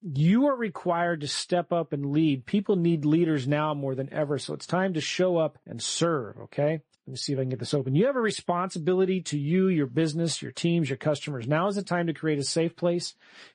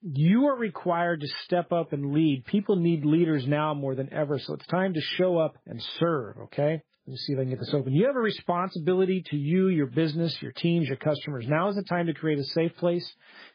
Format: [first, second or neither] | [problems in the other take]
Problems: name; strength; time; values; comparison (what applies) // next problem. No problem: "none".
first | garbled, watery; badly; nothing above 4.5 kHz; slightly in the first